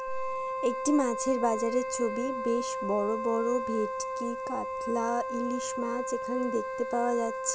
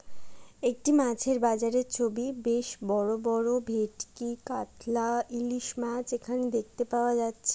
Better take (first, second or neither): second